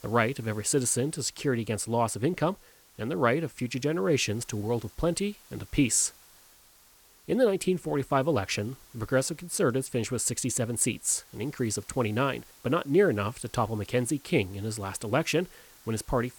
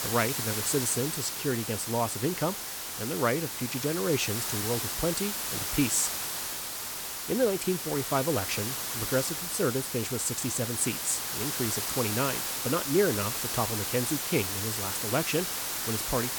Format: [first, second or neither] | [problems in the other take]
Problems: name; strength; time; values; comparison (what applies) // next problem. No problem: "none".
first | hiss; loud; throughout; 1 dB below the speech; faint in the first